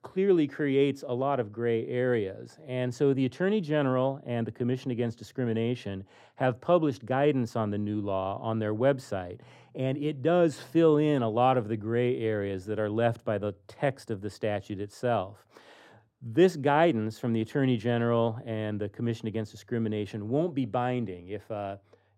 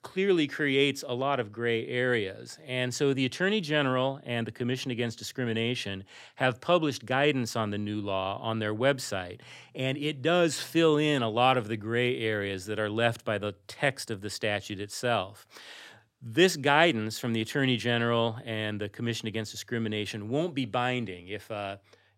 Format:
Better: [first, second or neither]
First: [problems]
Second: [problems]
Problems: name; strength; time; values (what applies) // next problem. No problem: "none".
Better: second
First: muffled; slightly; fading above 1.5 kHz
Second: none